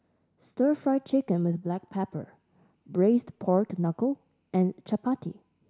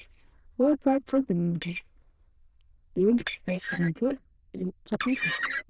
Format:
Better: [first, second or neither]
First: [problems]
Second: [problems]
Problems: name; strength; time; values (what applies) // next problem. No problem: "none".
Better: first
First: none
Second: noise reduction (neural diffusion model UNIVERSE++)